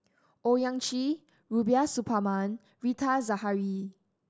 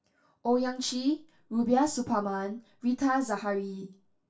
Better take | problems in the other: first | room echo; dies away in 0.2 s

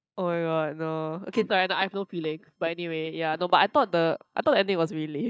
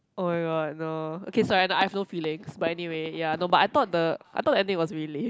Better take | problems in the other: second | noise reduction (neural mask model DeepFilterNet 3)

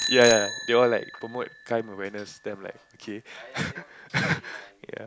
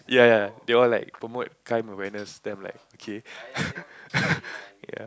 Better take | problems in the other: second | background sound (Bicycle bell); 9 dB below the speech

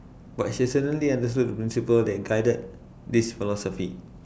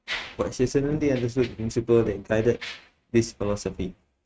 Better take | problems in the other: first | noise reduction (neural mask model RNNoise)

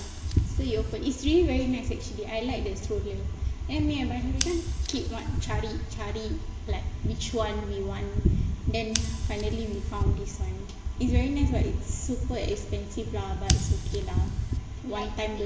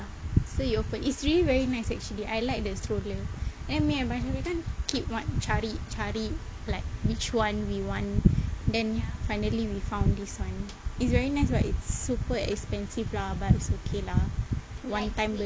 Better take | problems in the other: second | background sound (Scissors); 16 dB below the speech // room echo; dies away in 1 s

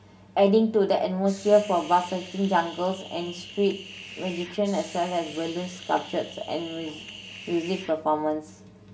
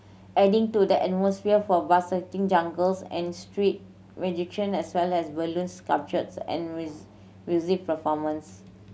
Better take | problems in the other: second | background sound (Hiss); 16 dB below the speech // room echo; dies away in 0.5 s

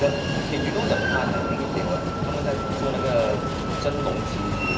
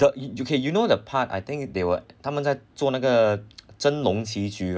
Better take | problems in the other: second | background sound (Train); 2 dB above the speech // room echo; dies away in 0.5 s

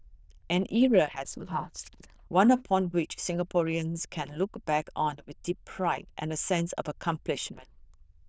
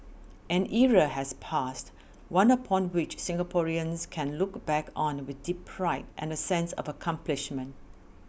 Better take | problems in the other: second | noise reduction (neural diffusion model UNIVERSE++)

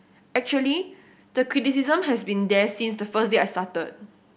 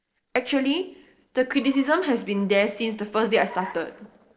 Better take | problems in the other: first | noise reduction (neural separator model SepFormer DNS4)

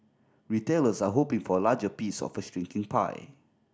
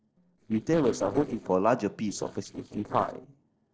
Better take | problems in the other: first | noise reduction (neural separator model SepFormer DNS4)

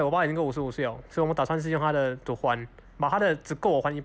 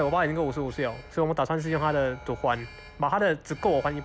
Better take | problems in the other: first | background sound (Alarm); 18 dB below the speech

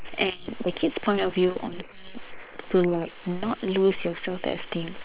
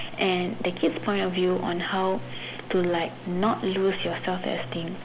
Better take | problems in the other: second | noise reduction (neural separator model SepFormer WHAM!)

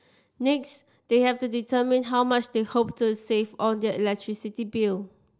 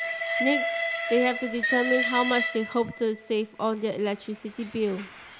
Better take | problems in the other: first | background sound (Train); 3 dB below the speech

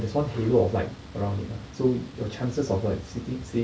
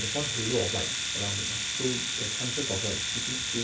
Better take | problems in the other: first | background sound (Domestic sounds, home sounds); 3 dB above the speech

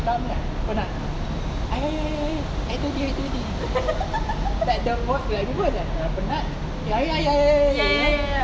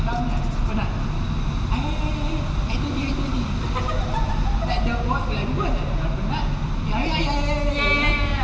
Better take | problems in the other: first | background sound (Writing); 20 dB below the speech // room echo; dies away in 1.9 s

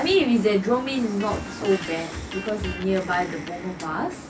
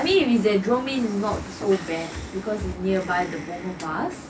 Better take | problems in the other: second | background sound (Electric guitar); 15 dB below the speech

